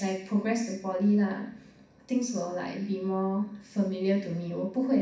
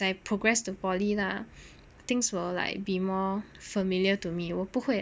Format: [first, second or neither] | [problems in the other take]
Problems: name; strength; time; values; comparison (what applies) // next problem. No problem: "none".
second | room echo; dies away in 0.6 s